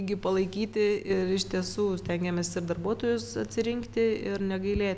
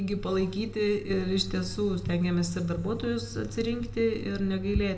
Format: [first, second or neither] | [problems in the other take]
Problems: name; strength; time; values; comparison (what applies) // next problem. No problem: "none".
first | room echo; dies away in 0.6 s